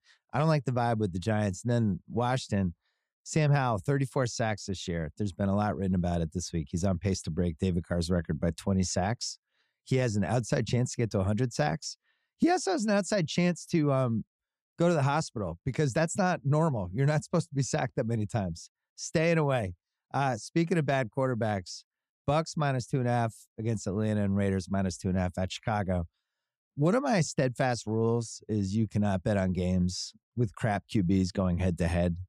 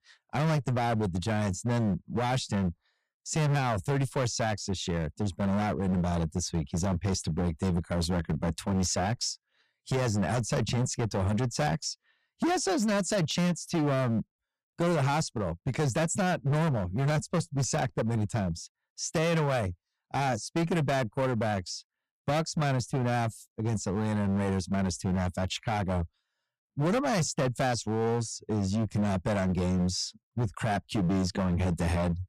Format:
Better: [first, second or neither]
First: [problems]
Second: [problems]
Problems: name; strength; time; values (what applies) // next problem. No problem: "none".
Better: first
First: none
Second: distortion; heavy; 19% of the sound clipped